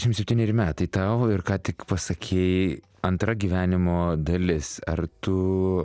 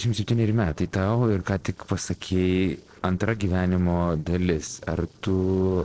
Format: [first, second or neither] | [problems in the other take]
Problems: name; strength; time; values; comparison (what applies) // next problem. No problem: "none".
first | noise reduction (neural separator model SepFormer DNS4)